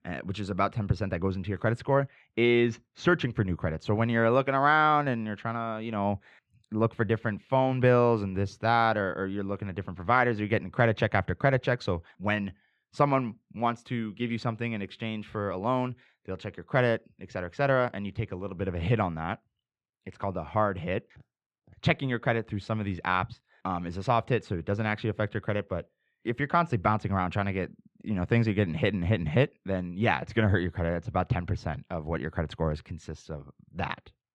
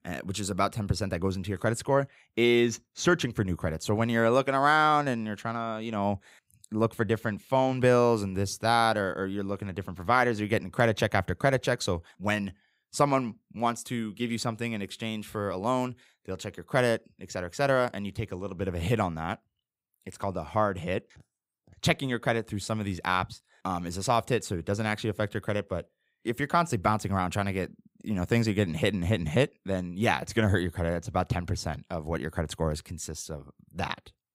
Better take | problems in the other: second | muffled; slightly; fading above 2.5 kHz

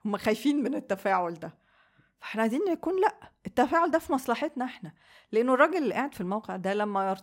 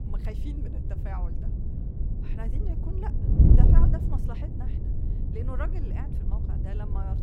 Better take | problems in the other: first | wind noise on the microphone; heavy; 2 dB above the speech

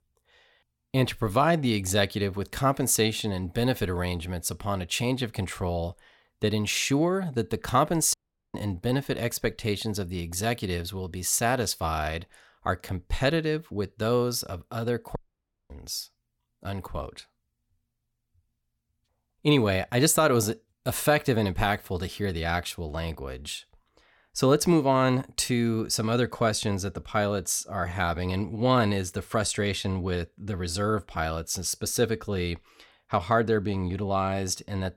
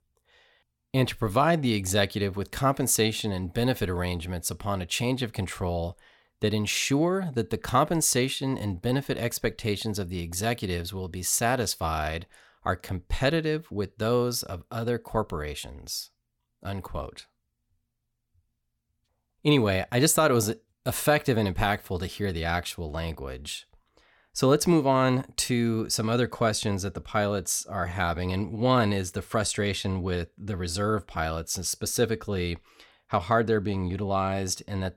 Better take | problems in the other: second | audio cutting out; at 8 s and at 15 s for 0.5 s

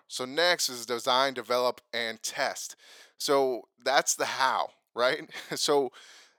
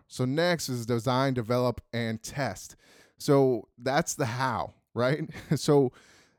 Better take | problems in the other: second | thin; very; fading below 600 Hz

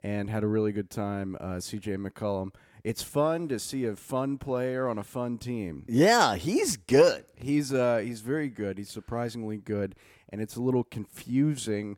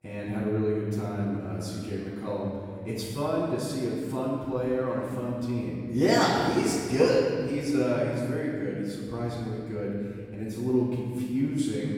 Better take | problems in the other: first | room echo; strong; dies away in 2.4 s // off-mic speech; far

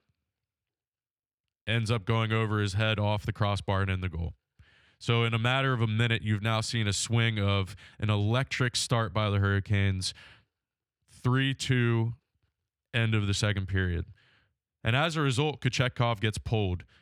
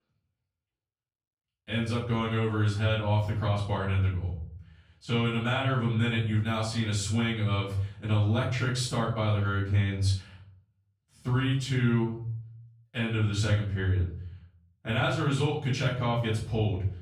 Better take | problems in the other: first | off-mic speech; far // room echo; noticeable; dies away in 0.6 s

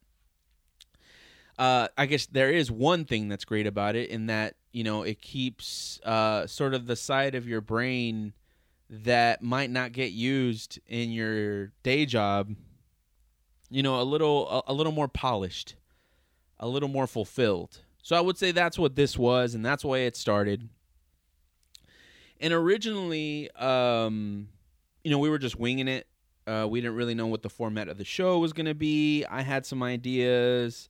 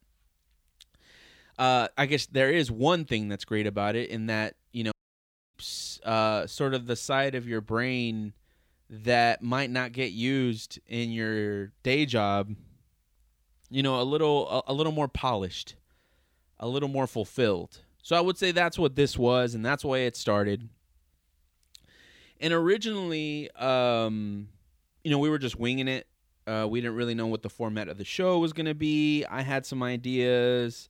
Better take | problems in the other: first | audio cutting out; at 5 s for 0.5 s

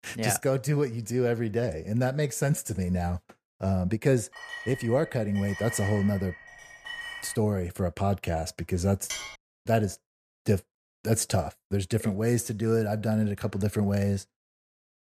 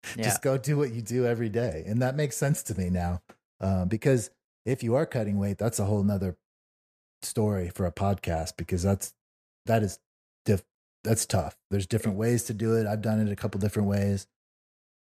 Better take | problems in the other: second | clattering dishes; noticeable; from 4.5 to 7.5 s and at 9 s; peak 7 dB below the speech

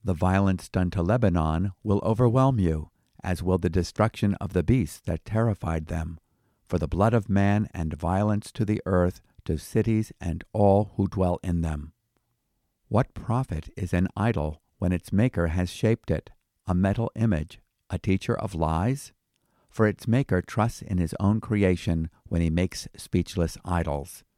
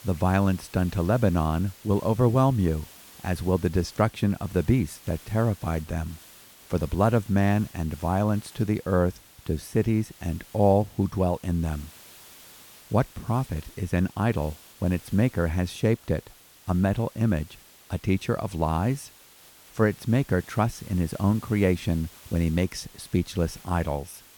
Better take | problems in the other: first | hiss; faint; throughout; 20 dB below the speech

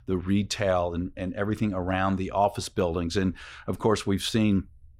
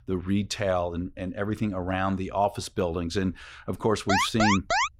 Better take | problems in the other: first | alarm; loud; at 4 s; peak 4 dB above the speech

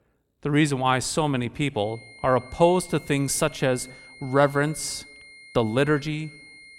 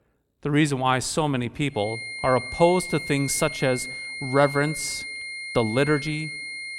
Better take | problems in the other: first | high-pitched whine; loud; from 2 s on; 2 kHz, 8 dB below the speech; faint in the first

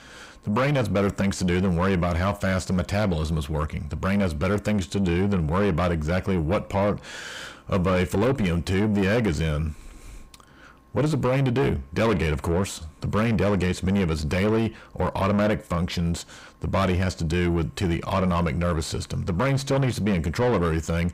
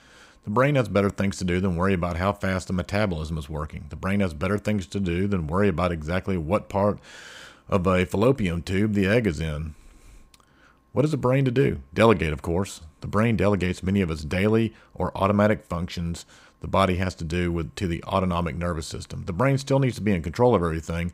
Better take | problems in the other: second | distortion; heavy; 7 dB below the speech

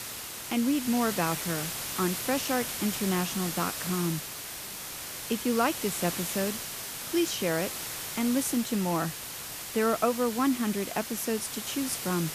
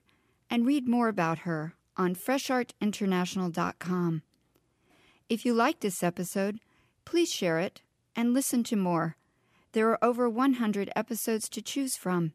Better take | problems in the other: second | hiss; loud; throughout; 4 dB below the speech

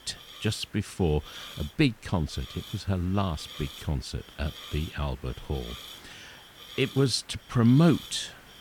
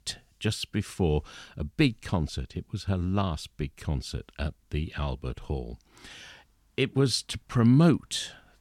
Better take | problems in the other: second | hiss; noticeable; throughout; 15 dB below the speech

